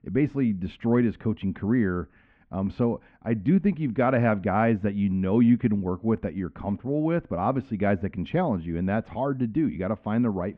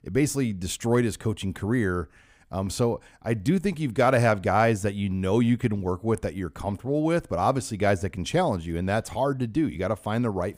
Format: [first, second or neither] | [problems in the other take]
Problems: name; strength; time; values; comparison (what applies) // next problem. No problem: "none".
second | muffled; very; fading above 2.5 kHz